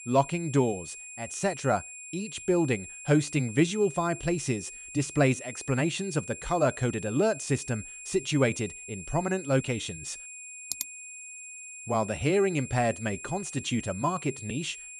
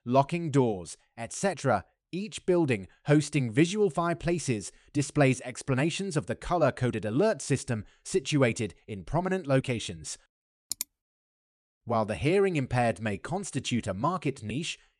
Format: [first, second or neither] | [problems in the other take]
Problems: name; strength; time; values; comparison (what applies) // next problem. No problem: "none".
second | high-pitched whine; noticeable; throughout; 7.5 kHz, 10 dB below the speech